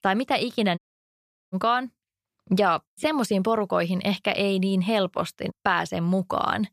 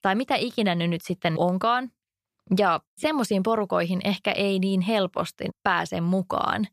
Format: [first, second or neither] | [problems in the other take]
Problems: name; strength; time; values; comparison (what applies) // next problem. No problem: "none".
second | audio cutting out; at 1 s for 0.5 s